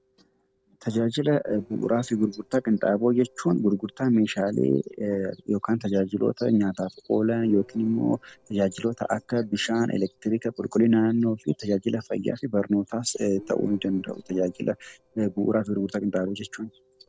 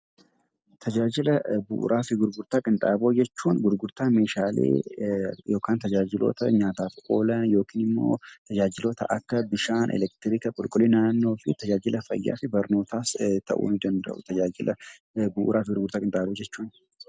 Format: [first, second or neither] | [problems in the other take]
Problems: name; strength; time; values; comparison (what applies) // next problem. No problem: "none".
second | noise reduction (neural separator model SepFormer DNS4)